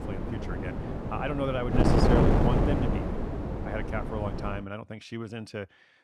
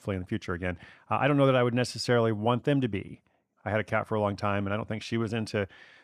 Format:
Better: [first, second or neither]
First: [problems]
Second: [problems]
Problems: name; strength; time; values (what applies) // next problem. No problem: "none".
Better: second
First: wind noise on the microphone; heavy; until 4.5 s; 3 dB above the speech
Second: none